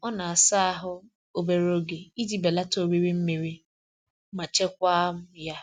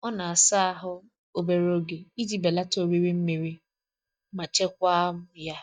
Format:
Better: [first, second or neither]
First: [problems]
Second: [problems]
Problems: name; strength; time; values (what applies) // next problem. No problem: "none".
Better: first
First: none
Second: noise reduction (neural mask model DeepFilterNet 3)